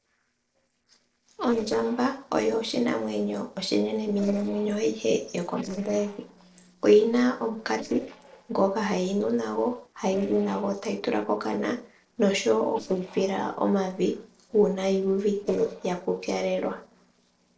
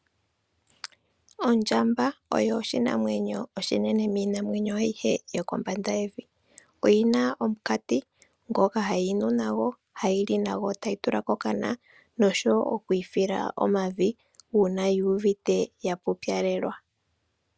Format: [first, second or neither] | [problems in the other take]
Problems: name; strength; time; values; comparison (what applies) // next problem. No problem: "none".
second | noise reduction (neural separator model SepFormer DNS4)